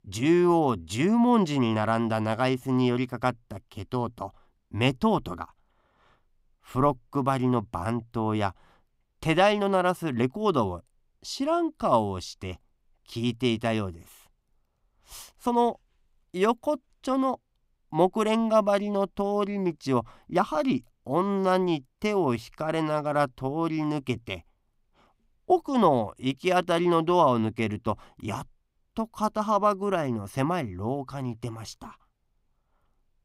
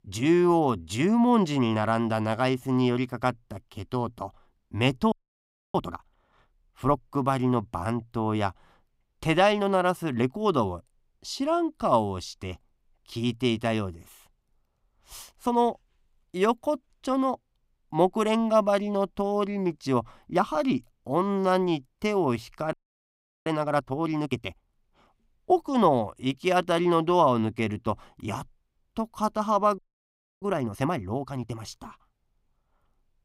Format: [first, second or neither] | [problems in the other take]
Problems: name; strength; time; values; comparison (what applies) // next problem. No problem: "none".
first | audio freezing; at 5 s for 0.5 s, at 23 s for 0.5 s and at 30 s for 0.5 s